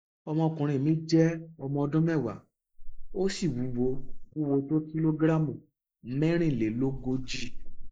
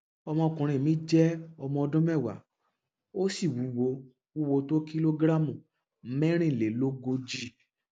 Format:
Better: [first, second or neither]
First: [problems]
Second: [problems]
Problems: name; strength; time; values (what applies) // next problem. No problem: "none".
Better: second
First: noise reduction (neural mask model Resemble Enhance denoiser)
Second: none